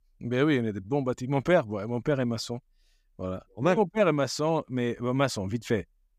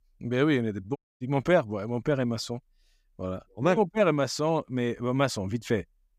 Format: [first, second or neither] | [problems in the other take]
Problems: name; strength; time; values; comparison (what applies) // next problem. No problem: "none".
first | audio cutting out; at 1 s